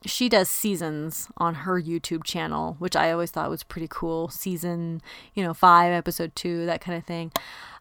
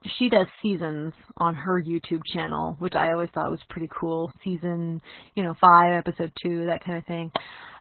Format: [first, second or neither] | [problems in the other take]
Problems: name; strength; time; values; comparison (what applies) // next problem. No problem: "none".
first | garbled, watery; badly; nothing above 4 kHz